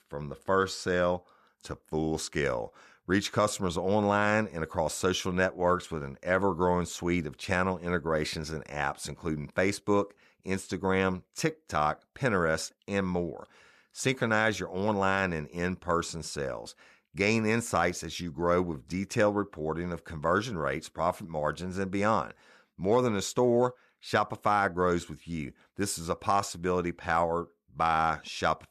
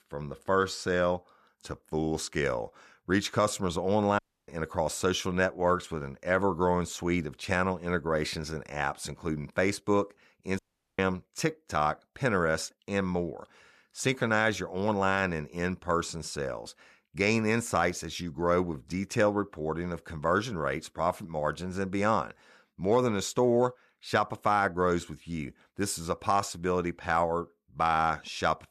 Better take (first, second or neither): first